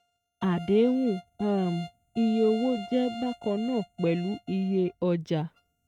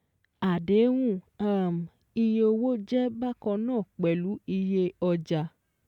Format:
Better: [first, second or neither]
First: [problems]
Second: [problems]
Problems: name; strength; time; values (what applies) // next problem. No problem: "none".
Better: second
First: noise reduction (neural mask model RNNoise)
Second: none